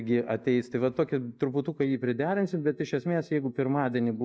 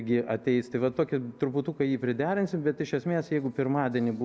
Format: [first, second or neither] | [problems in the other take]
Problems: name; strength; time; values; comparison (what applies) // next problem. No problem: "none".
second | noise reduction (neural mask model DeepFilterNet 3)